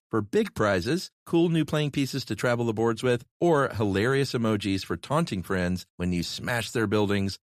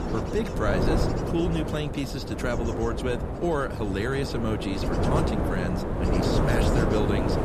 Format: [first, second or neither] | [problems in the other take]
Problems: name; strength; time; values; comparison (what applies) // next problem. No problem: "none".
first | wind noise on the microphone; heavy; as loud as the speech